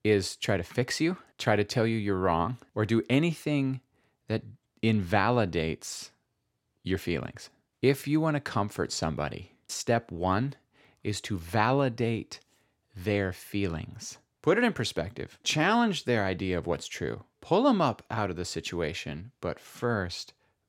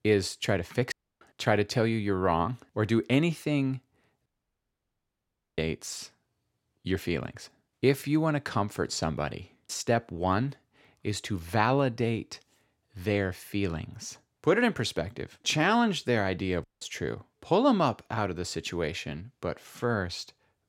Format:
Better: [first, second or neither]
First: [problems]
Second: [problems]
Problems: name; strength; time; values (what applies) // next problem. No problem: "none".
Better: first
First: none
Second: audio cutting out; at 1 s, at 4.5 s for 1.5 s and at 17 s